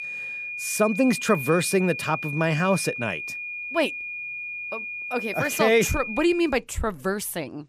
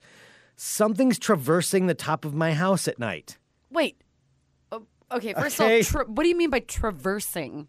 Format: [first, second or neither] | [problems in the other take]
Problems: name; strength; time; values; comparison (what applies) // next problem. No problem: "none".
second | high-pitched whine; loud; until 6.5 s; 2.5 kHz, 7 dB below the speech